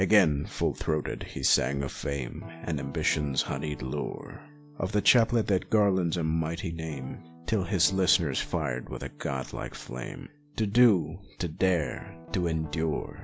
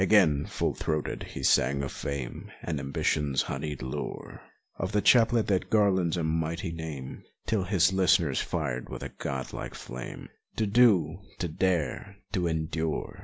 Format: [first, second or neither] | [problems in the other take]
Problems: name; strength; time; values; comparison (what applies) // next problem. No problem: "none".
second | background sound (Guitar); 20 dB below the speech